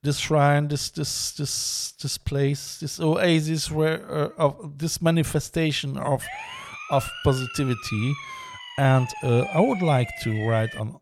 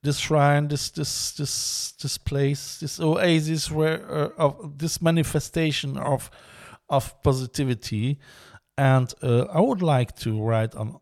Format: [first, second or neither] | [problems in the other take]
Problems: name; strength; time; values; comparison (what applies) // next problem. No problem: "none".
second | siren; noticeable; from 6 s on; peak 8 dB below the speech